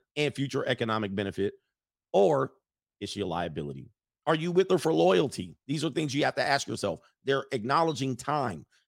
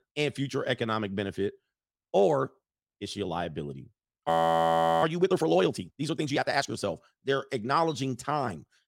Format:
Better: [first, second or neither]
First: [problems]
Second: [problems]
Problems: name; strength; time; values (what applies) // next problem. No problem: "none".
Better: first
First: none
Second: audio freezing; at 4.5 s for 0.5 s